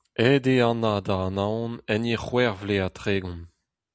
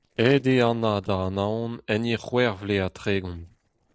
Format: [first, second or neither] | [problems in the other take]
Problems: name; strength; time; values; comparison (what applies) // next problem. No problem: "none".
first | noise reduction (neural separator model SepFormer DNS4)